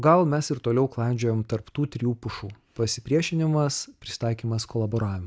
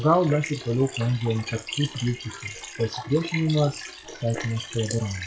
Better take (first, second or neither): first